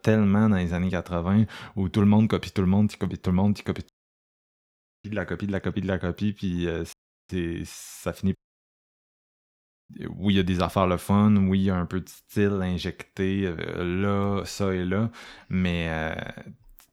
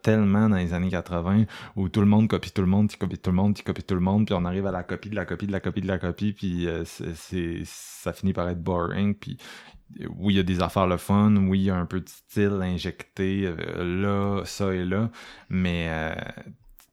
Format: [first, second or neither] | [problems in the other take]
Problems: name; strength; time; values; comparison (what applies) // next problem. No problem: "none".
second | audio cutting out; at 4 s for 1 s, at 7 s and at 8.5 s for 1.5 s